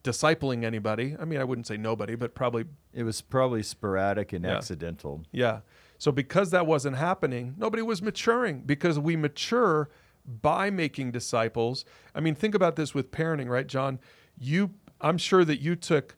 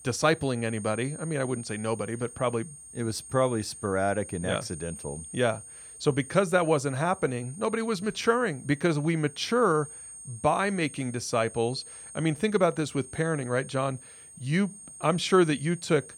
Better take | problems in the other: first | high-pitched whine; noticeable; throughout; 8.5 kHz, 15 dB below the speech

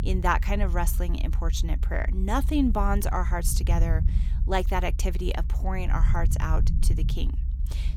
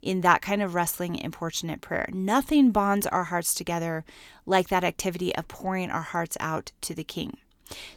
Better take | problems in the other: second | low rumble; noticeable; throughout; 15 dB below the speech

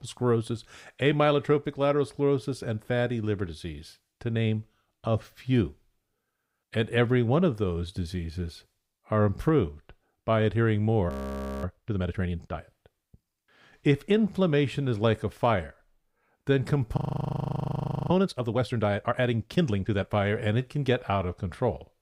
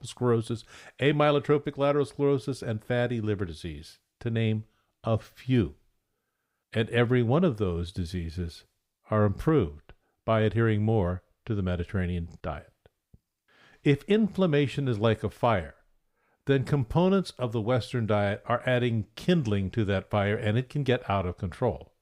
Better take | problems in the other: second | audio freezing; at 11 s for 0.5 s and at 17 s for 1 s

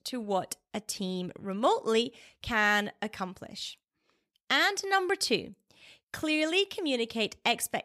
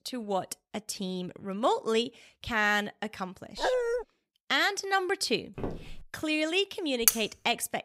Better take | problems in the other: first | dog barking; loud; at 3.5 s; peak 2 dB above the speech // footsteps; noticeable; at 5.5 s; peak 9 dB below the speech // clattering dishes; very faint; at 7 s; peak 5 dB above the speech

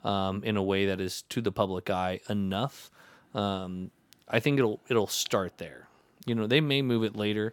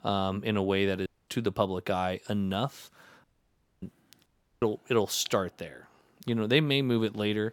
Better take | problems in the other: first | audio cutting out; at 1 s, at 3 s for 0.5 s and at 4.5 s

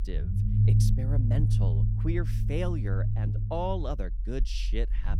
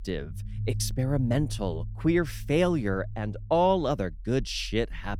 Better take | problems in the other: second | low rumble; loud; throughout; 3 dB below the speech; faint in the second

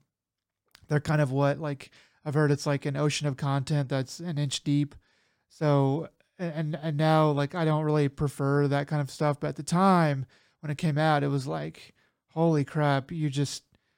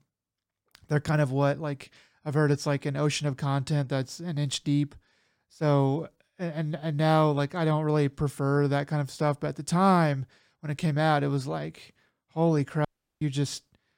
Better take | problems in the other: first | audio cutting out; at 13 s

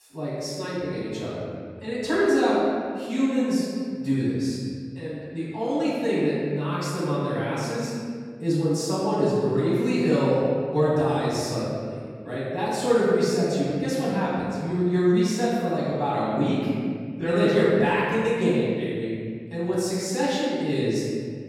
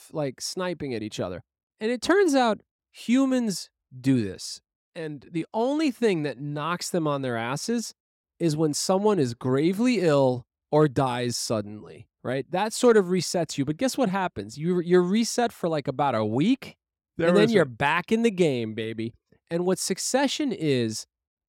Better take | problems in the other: second | off-mic speech; far // room echo; strong; dies away in 2 s

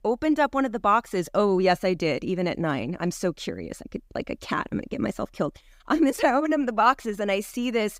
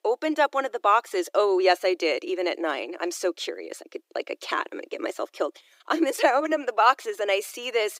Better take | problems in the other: first | thin; very; fading below 350 Hz

